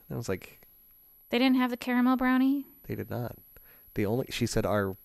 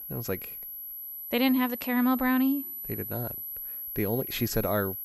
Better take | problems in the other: first | high-pitched whine; loud; throughout; 11.5 kHz, 7 dB below the speech; faint in the first

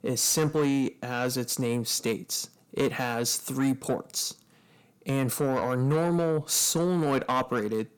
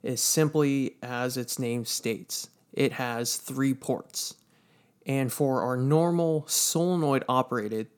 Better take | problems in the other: second | distortion; slight; 10 dB below the speech

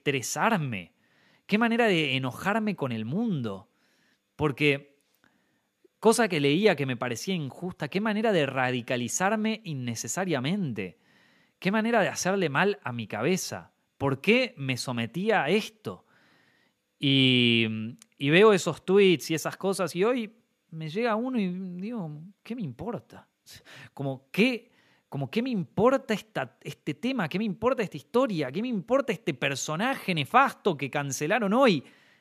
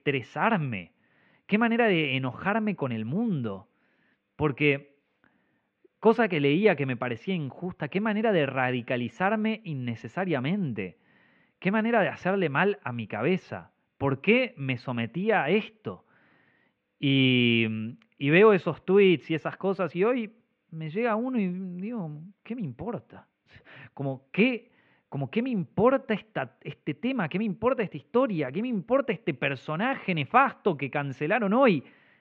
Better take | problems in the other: first | muffled; very; fading above 2.5 kHz

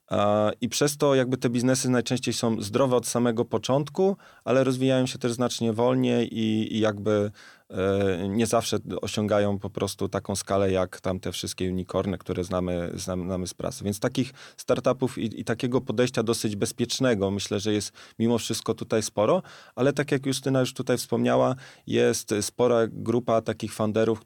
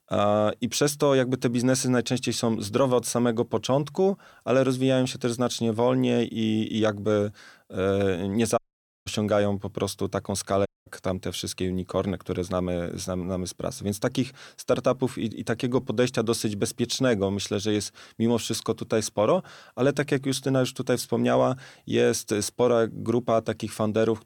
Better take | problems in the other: first | audio cutting out; at 8.5 s and at 11 s

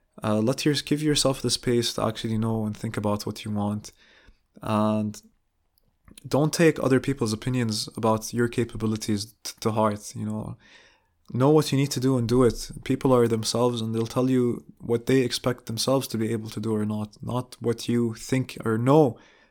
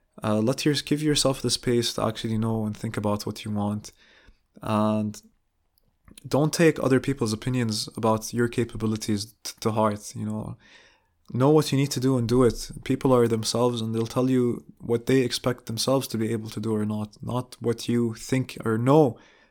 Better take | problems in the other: neither | none

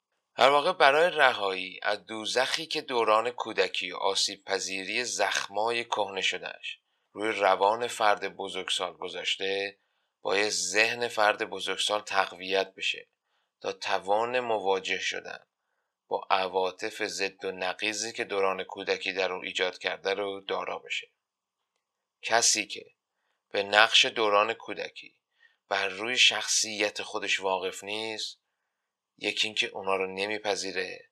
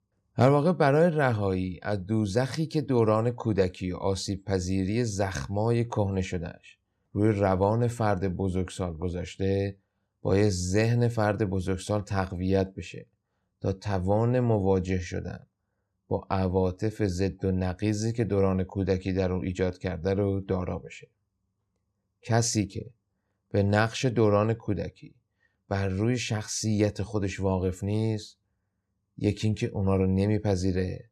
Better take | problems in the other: second | thin; very; fading below 850 Hz

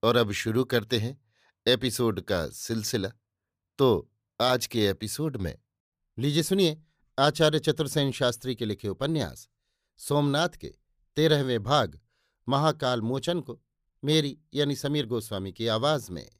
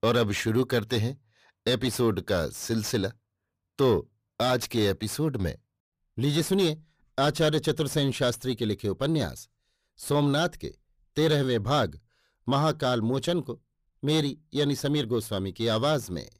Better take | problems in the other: first | distortion; slight; 10 dB below the speech

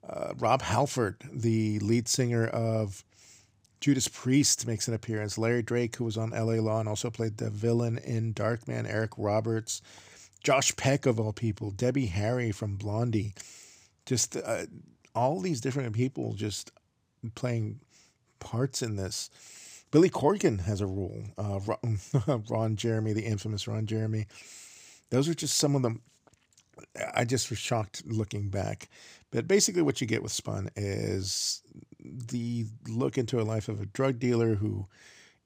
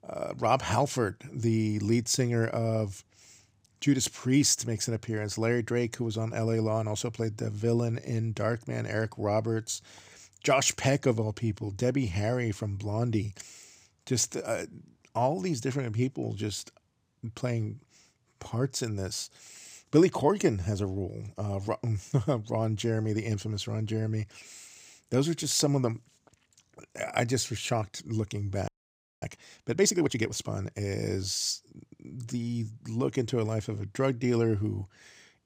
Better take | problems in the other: first | audio freezing; at 29 s for 0.5 s

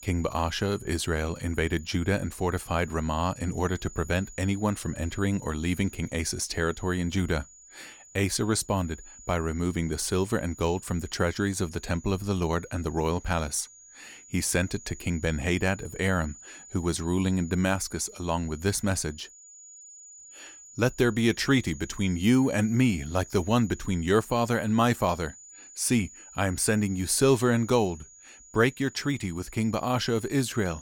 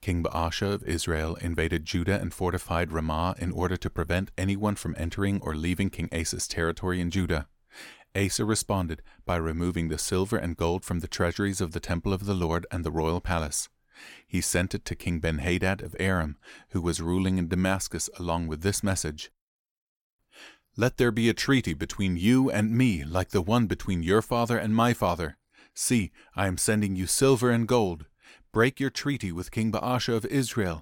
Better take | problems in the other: second | high-pitched whine; noticeable; throughout; 7 kHz, 20 dB below the speech

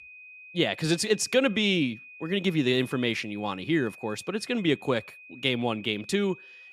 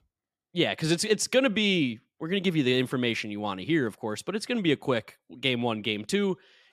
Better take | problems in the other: second | high-pitched whine; noticeable; throughout; 2.5 kHz, 20 dB below the speech

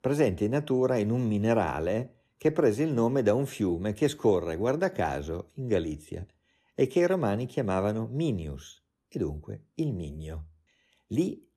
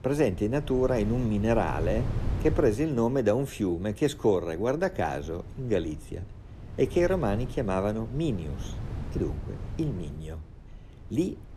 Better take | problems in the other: first | wind noise on the microphone; occasional gusts; 20 dB below the speech

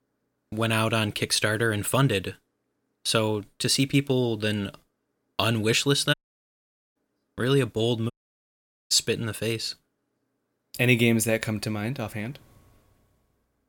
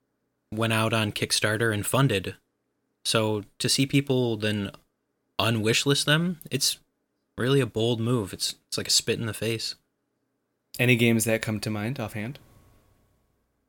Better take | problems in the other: second | audio cutting out; at 6 s for 1 s and at 8 s for 1 s

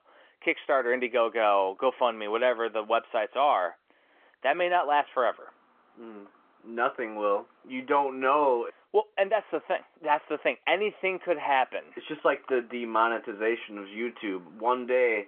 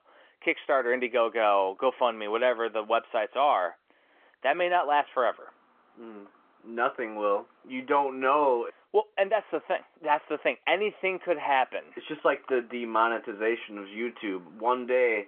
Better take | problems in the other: neither | phone-call audio; nothing above 3.5 kHz; the same in both

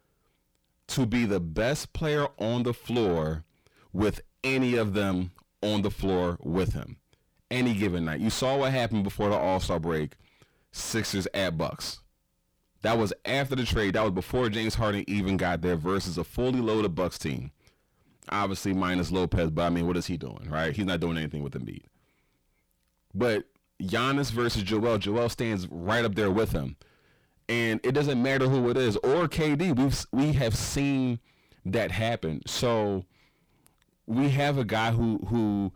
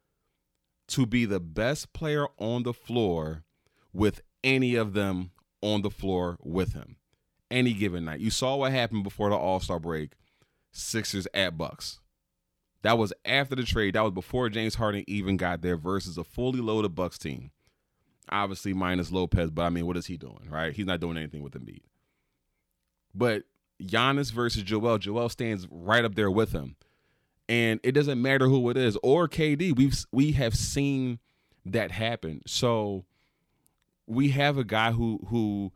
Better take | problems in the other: second | distortion; heavy; 6 dB below the speech

